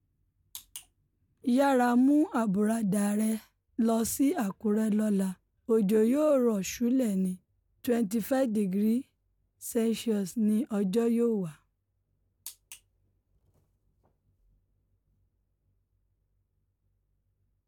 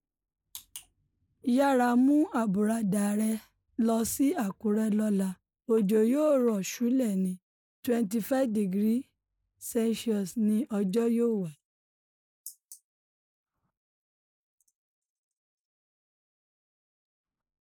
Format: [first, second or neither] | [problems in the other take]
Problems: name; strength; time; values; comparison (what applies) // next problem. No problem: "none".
first | noise reduction (neural mask model Resemble Enhance denoiser)